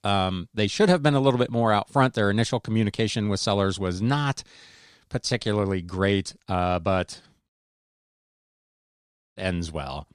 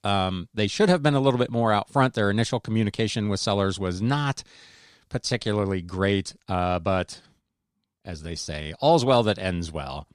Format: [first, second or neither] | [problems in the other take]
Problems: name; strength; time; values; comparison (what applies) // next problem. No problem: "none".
second | audio cutting out; at 7.5 s for 2 s